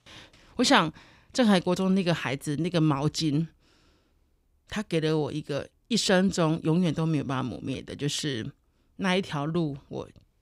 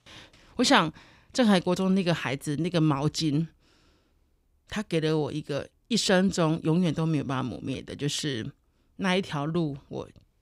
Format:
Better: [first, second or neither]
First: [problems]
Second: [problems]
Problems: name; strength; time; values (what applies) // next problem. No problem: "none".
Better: neither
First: none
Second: none